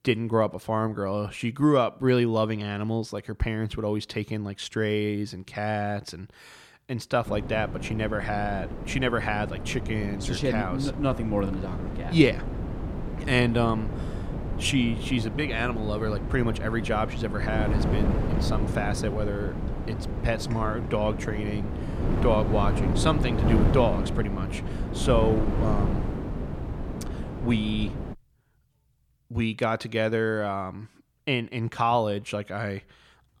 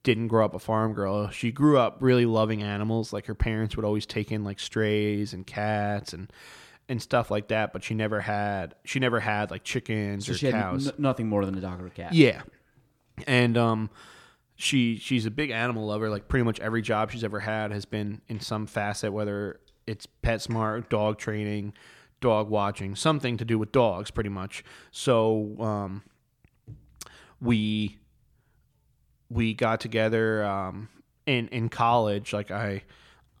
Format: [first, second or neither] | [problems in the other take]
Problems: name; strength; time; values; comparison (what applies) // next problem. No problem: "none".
second | wind noise on the microphone; heavy; from 7.5 to 28 s; 8 dB below the speech